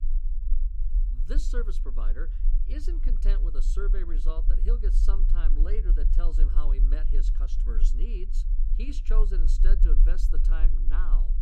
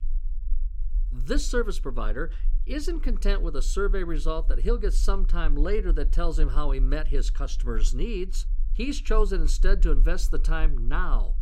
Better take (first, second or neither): second